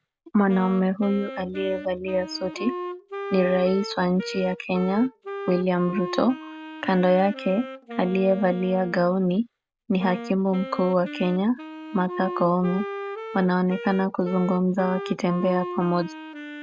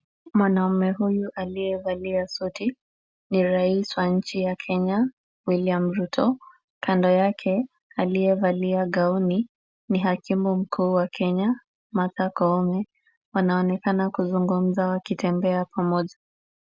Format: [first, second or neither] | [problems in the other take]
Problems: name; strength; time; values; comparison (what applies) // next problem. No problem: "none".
second | background sound (Wind instrument, woodwind instrument); 11 dB below the speech